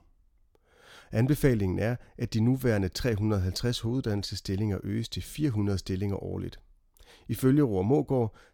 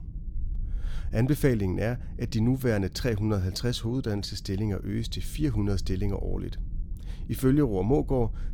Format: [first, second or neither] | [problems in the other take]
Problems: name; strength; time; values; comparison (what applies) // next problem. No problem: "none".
first | low rumble; faint; throughout; 25 dB below the speech